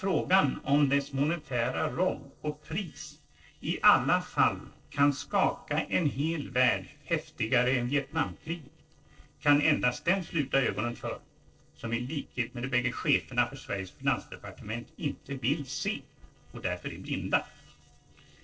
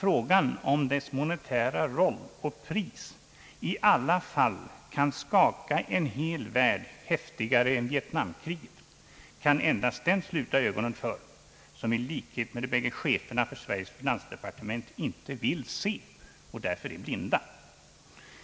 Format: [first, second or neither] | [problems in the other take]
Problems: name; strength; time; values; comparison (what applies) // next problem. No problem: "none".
second | noise reduction (neural separator model SepFormer DNS4)